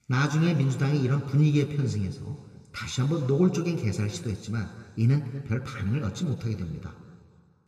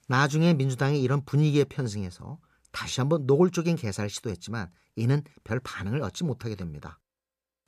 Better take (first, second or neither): second